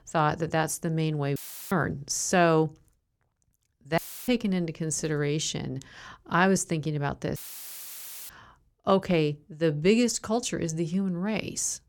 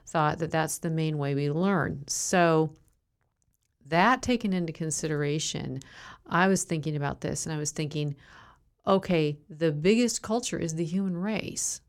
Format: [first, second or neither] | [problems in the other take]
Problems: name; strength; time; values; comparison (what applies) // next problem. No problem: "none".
second | audio cutting out; filled with static; at 1.5 s, at 4 s and at 7.5 s for 1 s